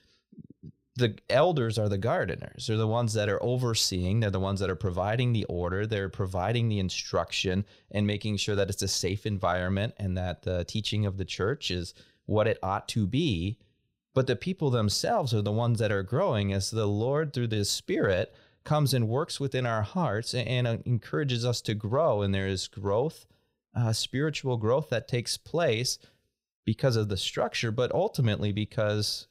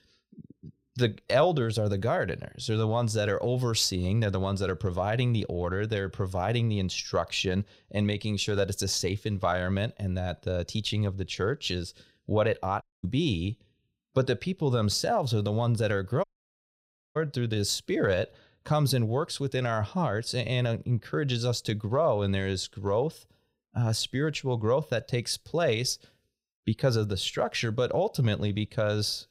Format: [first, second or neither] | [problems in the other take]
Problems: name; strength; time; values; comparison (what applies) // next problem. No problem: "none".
first | audio cutting out; at 13 s and at 16 s for 1 s